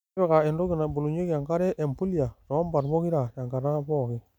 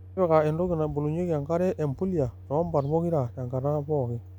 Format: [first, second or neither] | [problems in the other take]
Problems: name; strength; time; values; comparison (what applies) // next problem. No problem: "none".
first | background sound (Microwave oven); 18 dB below the speech